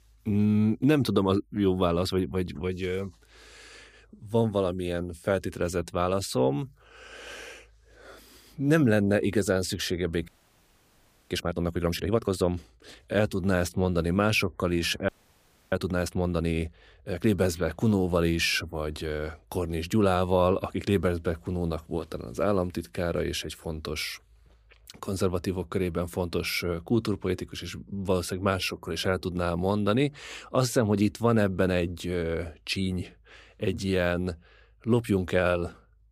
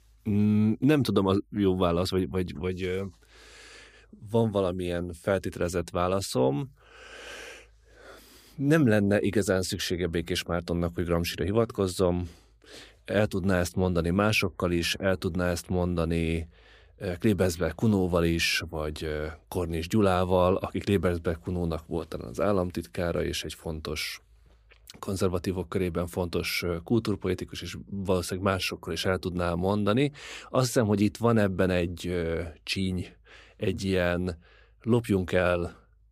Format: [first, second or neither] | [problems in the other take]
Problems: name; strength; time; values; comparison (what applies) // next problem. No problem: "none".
second | audio freezing; at 10 s for 1 s and at 15 s for 0.5 s